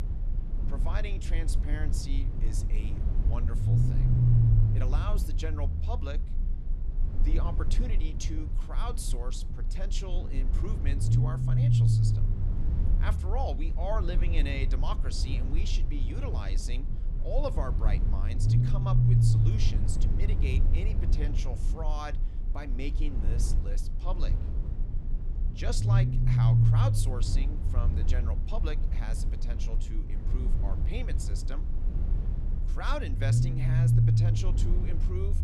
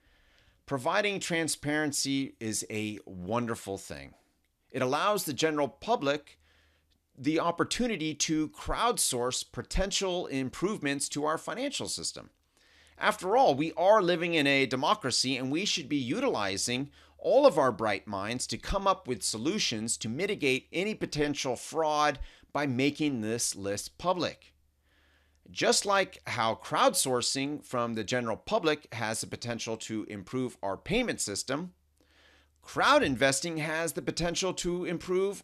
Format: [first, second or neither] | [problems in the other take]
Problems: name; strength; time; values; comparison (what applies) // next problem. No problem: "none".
second | low rumble; loud; throughout; 1 dB below the speech